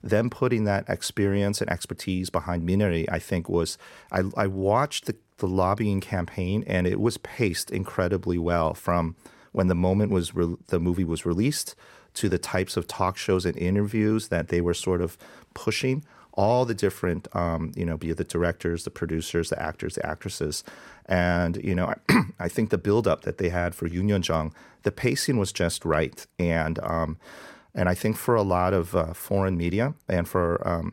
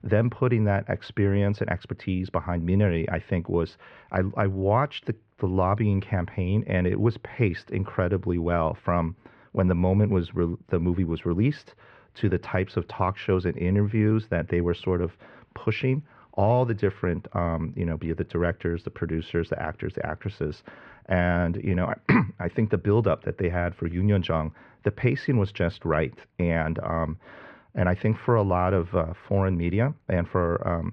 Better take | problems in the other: first | muffled; very; fading above 3 kHz

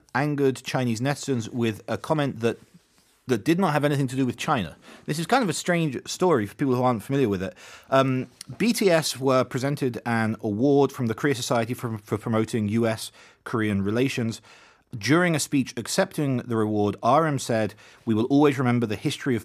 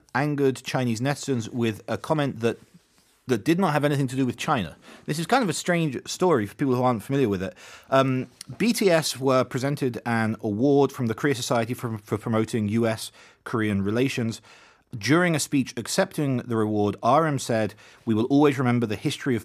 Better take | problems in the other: neither | none

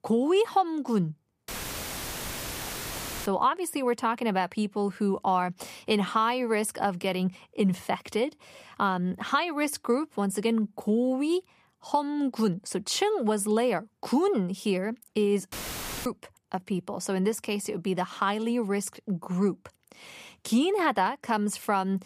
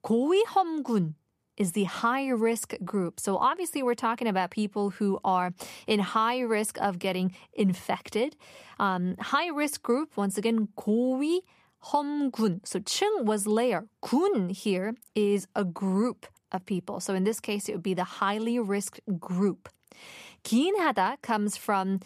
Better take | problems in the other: second | audio cutting out; filled with static; at 1.5 s for 2 s and at 16 s for 0.5 s

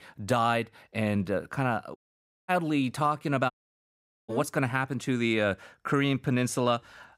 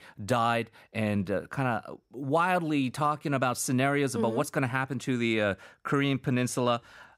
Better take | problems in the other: second | audio cutting out; at 2 s for 0.5 s and at 3.5 s for 1 s

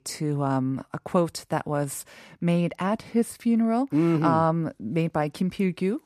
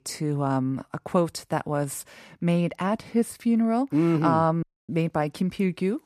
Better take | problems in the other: first | audio cutting out; at 4.5 s

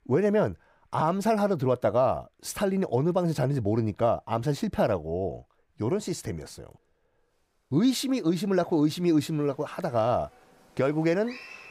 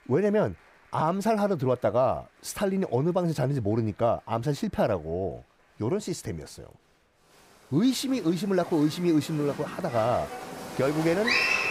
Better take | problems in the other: first | crowd noise; loud; throughout; 4 dB below the speech; faint in the first

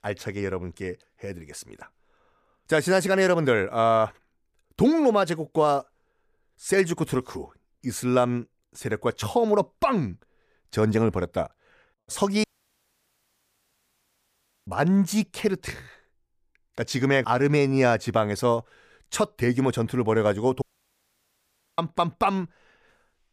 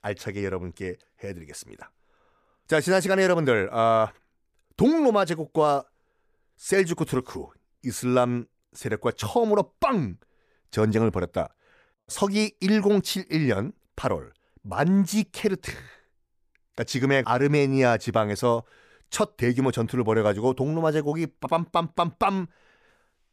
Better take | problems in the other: second | audio cutting out; at 12 s for 2 s and at 21 s for 1 s

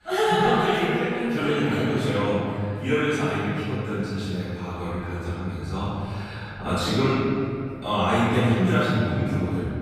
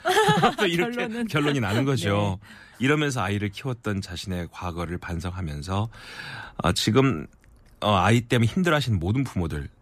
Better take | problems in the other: second | off-mic speech; far // room echo; strong; dies away in 2.4 s

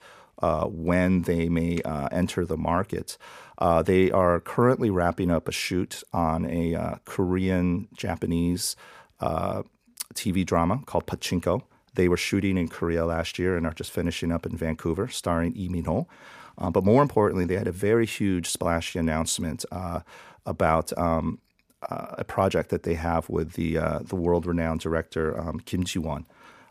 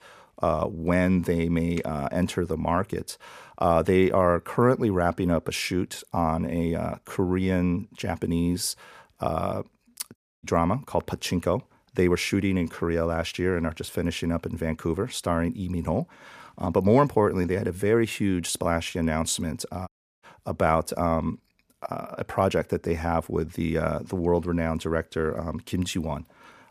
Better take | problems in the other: first | audio cutting out; at 10 s and at 20 s

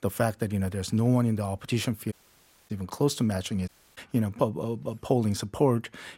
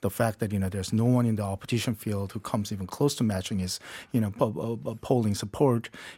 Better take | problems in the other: second | audio cutting out; at 2 s for 0.5 s and at 3.5 s

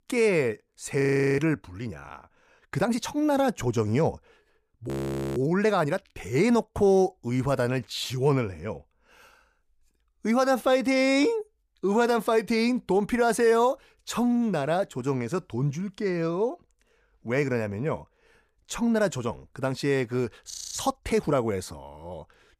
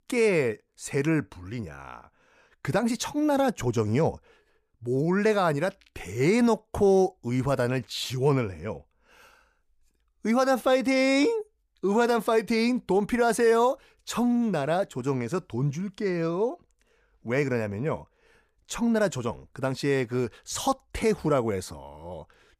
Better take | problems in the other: second | audio freezing; at 1 s, at 5 s and at 21 s

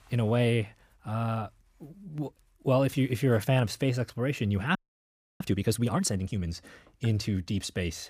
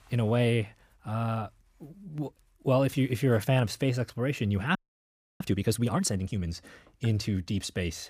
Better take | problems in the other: neither | audio freezing; at 5 s for 0.5 s; the same in both

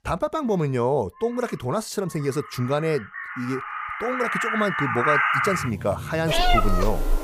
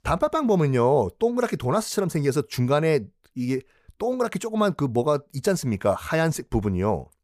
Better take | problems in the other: second | animal sounds; very loud; throughout; 1 dB above the speech

